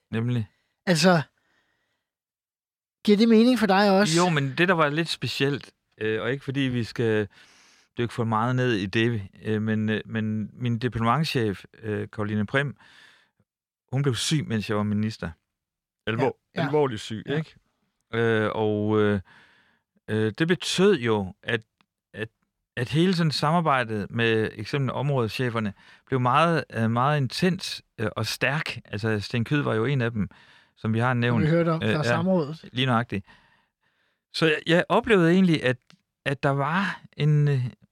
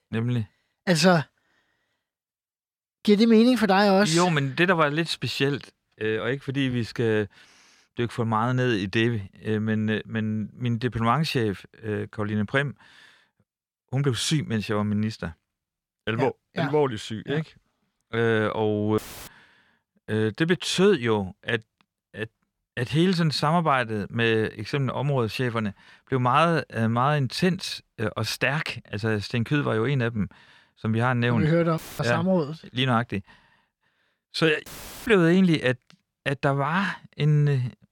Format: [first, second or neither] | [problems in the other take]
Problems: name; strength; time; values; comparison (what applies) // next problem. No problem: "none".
first | audio cutting out; filled with static; at 19 s, at 32 s and at 35 s